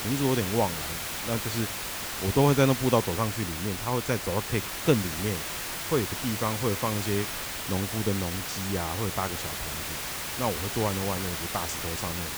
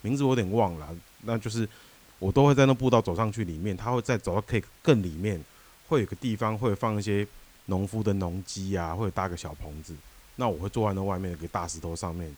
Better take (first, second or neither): second